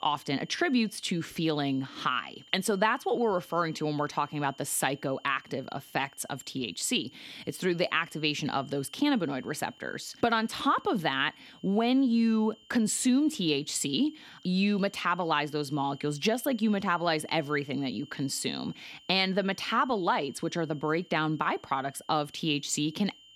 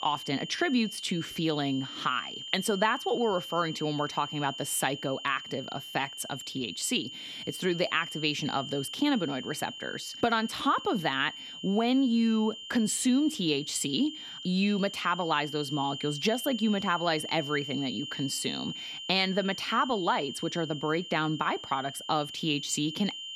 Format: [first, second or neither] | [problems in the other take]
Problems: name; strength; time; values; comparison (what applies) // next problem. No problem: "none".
first | high-pitched whine; loud; throughout; 3 kHz, 9 dB below the speech; faint in the first